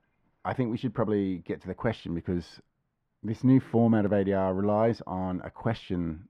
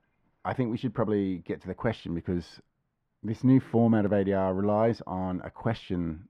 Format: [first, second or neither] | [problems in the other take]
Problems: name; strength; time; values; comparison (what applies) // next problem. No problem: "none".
neither | muffled; very; fading above 3.5 kHz; the same in both